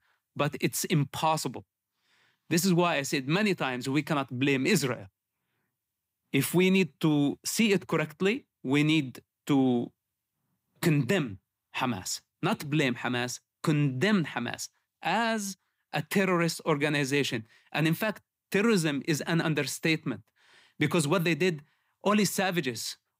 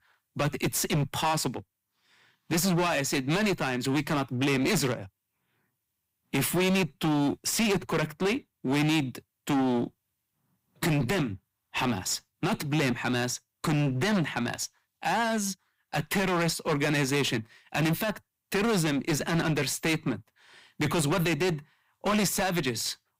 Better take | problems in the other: first | distortion; heavy; 17% of the sound clipped

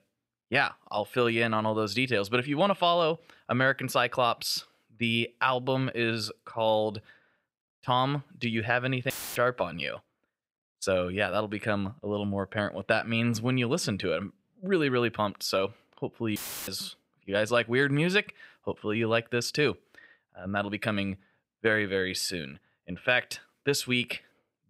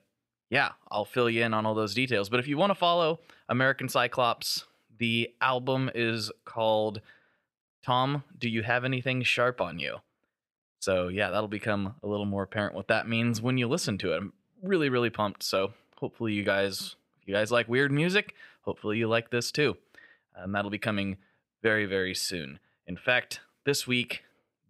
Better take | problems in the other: second | audio cutting out; filled with static; at 9 s and at 16 s

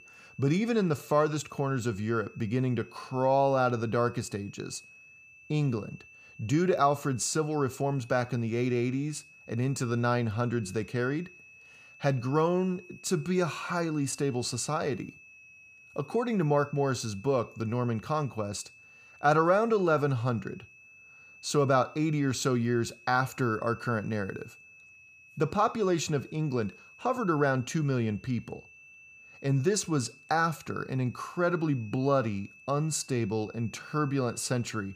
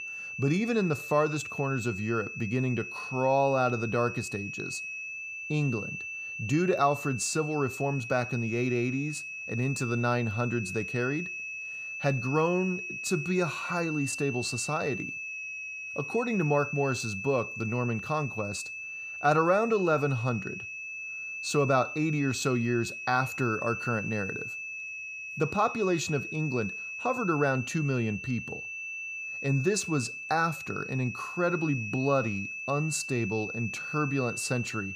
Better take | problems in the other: first | high-pitched whine; loud; throughout; 2.5 kHz, 6 dB below the speech; faint in the first

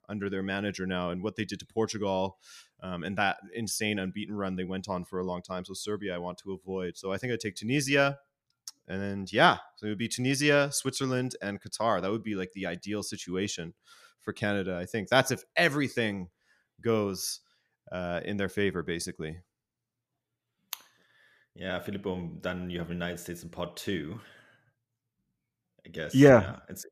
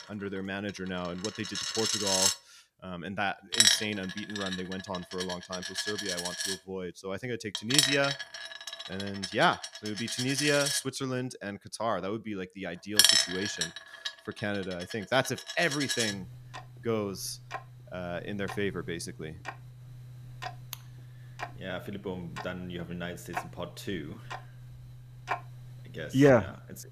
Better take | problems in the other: first | household noises; very loud; throughout; 3 dB above the speech

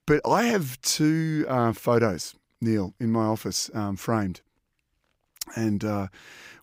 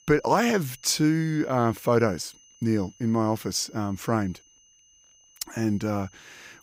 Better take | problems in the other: first | high-pitched whine; faint; throughout; 6 kHz, 30 dB below the speech

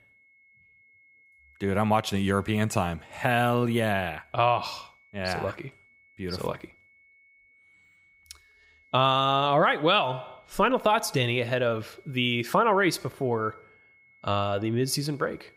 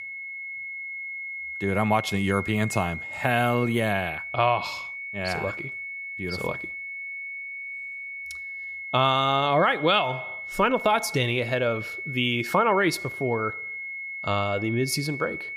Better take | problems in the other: first | high-pitched whine; loud; throughout; 2 kHz, 8 dB below the speech; faint in the first

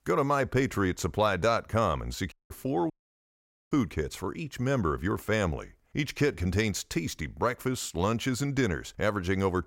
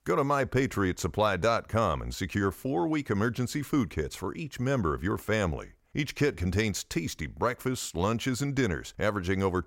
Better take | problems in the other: second | audio cutting out; at 2.5 s and at 3 s for 1 s

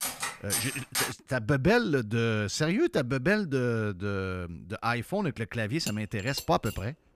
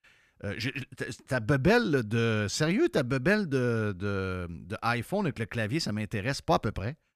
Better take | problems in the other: second | clattering dishes; noticeable; until 1 s and at 6 s; peak 1 dB below the speech

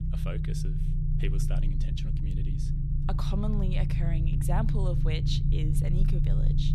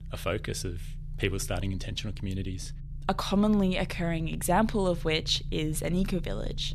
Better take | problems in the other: second | low rumble; loud; throughout; 1 dB below the speech; faint in the second

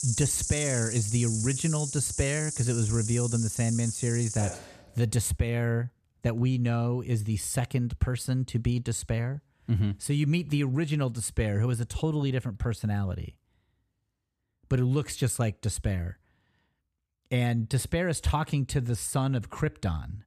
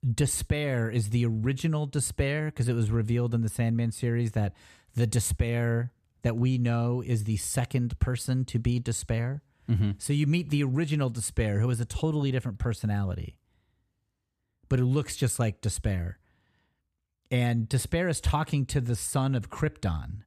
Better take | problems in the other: second | animal sounds; loud; until 5 s; 4 dB below the speech

